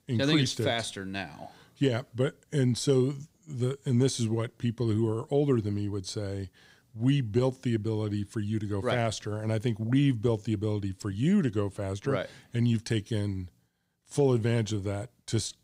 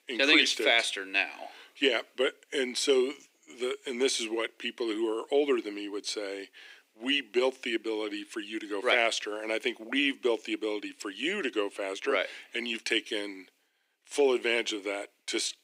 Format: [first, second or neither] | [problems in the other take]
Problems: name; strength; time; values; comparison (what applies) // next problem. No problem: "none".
first | thin; very; fading below 300 Hz